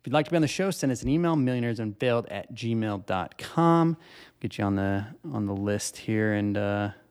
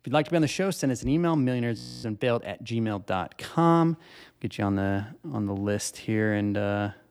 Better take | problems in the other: first | audio freezing; at 2 s

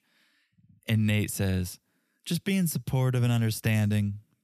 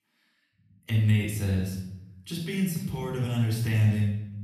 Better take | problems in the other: first | off-mic speech; far // room echo; noticeable; dies away in 0.8 s

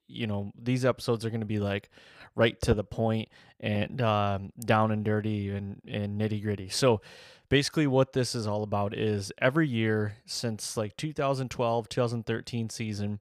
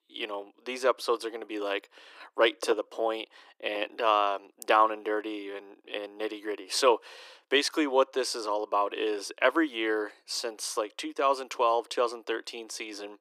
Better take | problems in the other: first | thin; very; fading below 300 Hz

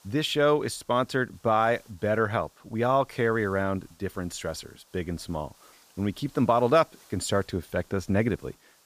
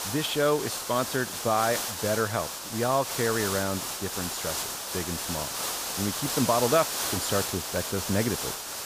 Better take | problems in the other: first | hiss; loud; throughout; 2 dB below the speech; faint in the first

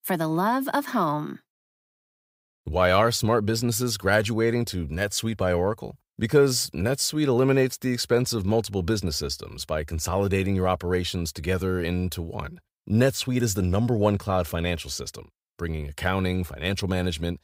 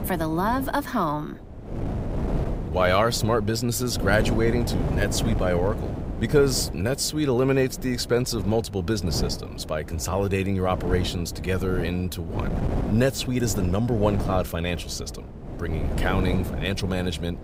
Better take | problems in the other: first | wind noise on the microphone; occasional gusts; 10 dB below the speech

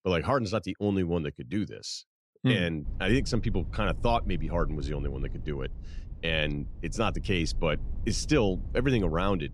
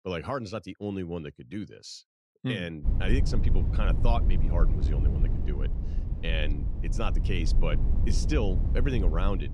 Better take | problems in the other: first | low rumble; loud; from 3 s on; 8 dB below the speech; faint in the first

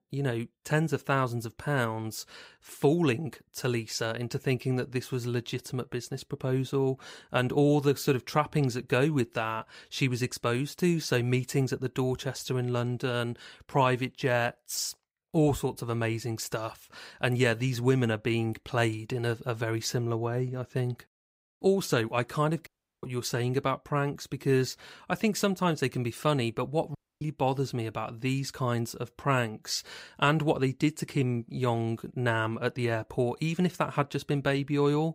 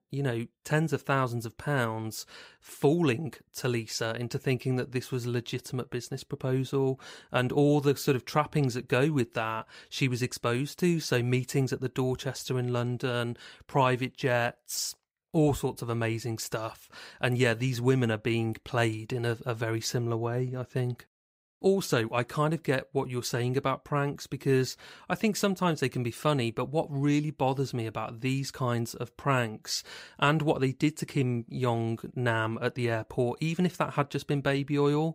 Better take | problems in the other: second | audio cutting out; at 23 s and at 27 s

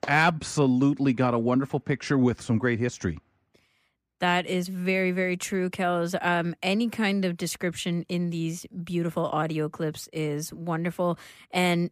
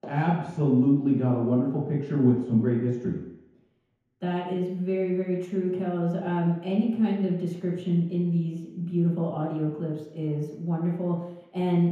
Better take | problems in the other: first | room echo; noticeable; dies away in 1 s // off-mic speech; far

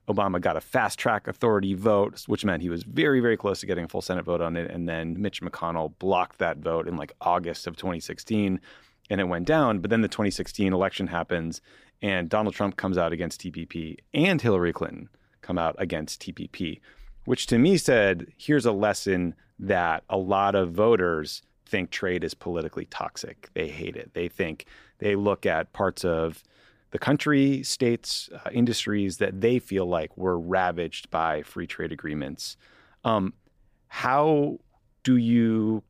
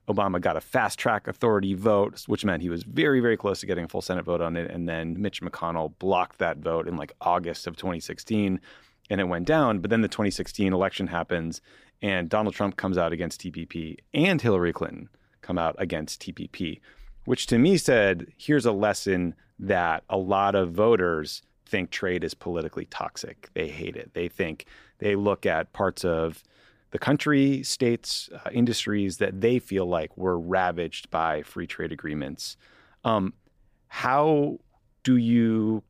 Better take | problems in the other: neither | none

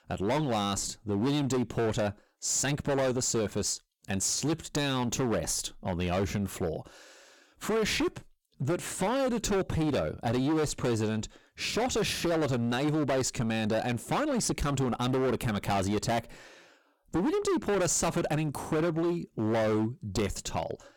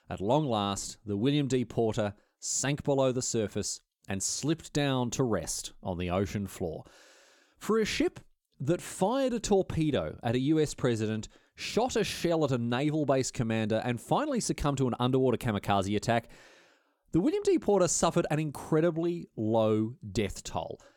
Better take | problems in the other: second | distortion; heavy; 19% of the sound clipped

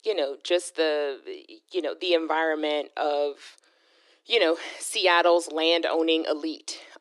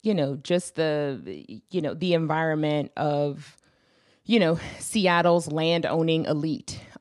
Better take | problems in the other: second | thin; very; fading below 300 Hz

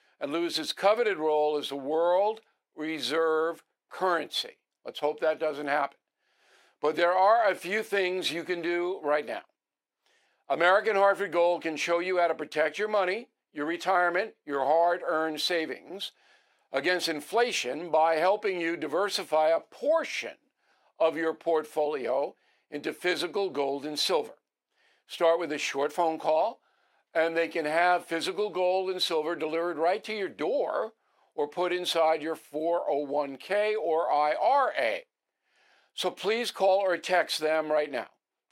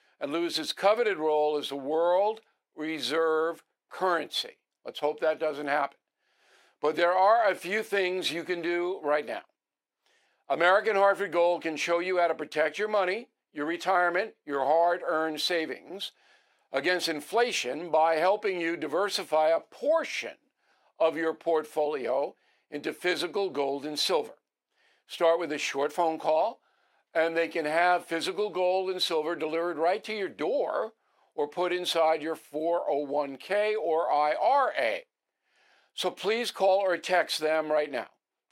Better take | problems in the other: neither | thin; somewhat; fading below 500 Hz; the same in both

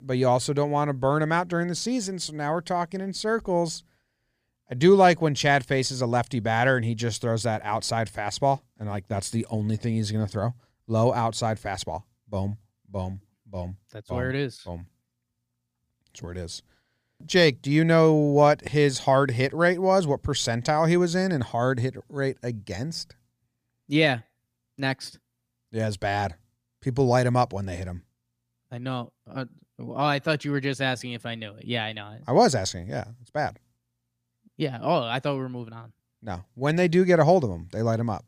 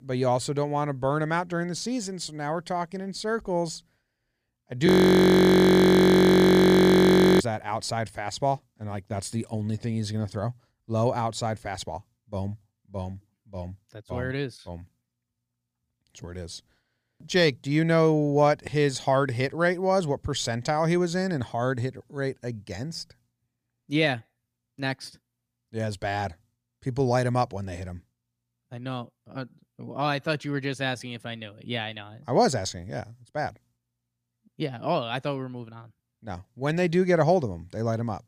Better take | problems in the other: first | audio freezing; at 5 s for 2.5 s

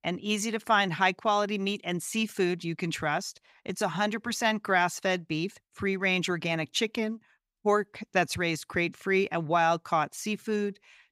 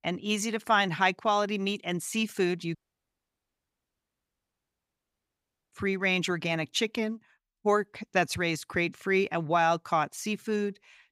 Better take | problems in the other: first | audio cutting out; at 3 s for 3 s

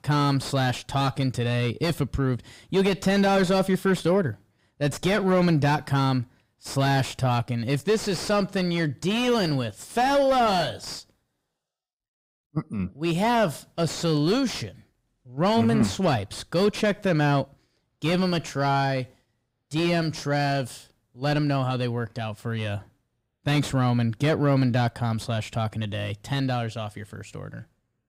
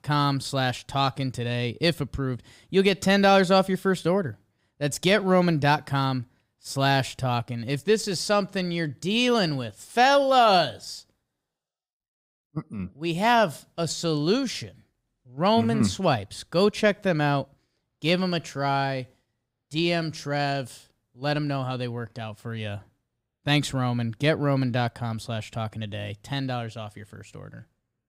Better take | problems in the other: second | distortion; heavy; 7 dB below the speech

